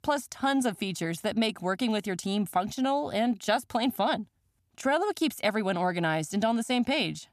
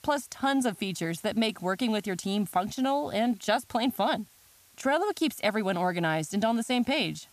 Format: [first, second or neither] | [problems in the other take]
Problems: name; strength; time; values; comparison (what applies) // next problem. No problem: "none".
first | hiss; faint; throughout; 30 dB below the speech